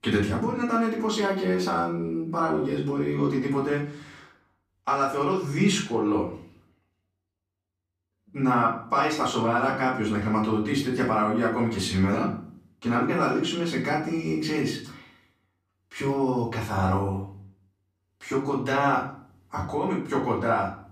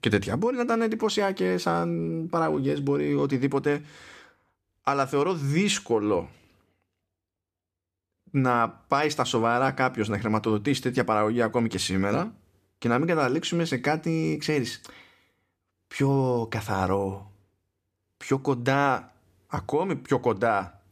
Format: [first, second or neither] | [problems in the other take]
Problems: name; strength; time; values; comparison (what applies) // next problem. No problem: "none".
second | off-mic speech; far // room echo; slight; dies away in 0.5 s